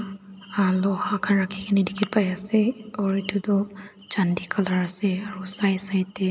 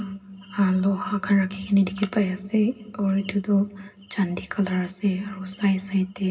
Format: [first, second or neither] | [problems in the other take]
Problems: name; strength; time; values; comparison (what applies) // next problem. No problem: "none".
first | room echo; dies away in 0.4 s